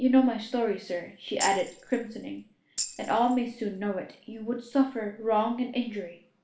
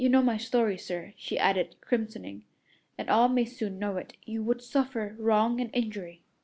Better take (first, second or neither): second